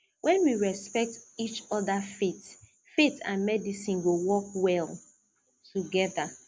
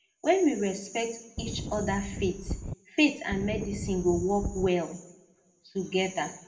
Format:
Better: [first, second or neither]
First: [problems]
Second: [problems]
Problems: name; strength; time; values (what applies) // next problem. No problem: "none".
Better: first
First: none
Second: background sound (Wind); 6 dB below the speech // room echo; dies away in 0.4 s